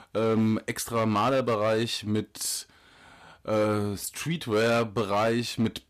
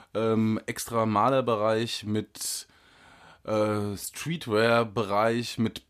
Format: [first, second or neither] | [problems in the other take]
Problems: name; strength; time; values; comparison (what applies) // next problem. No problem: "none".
second | distortion; slight; 8% of the sound clipped